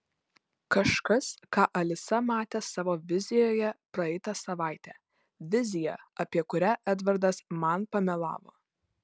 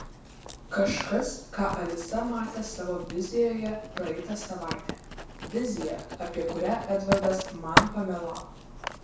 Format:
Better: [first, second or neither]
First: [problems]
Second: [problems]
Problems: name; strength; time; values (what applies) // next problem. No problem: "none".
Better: first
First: none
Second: background sound (Writing); 3 dB below the speech // room echo; dies away in 0.6 s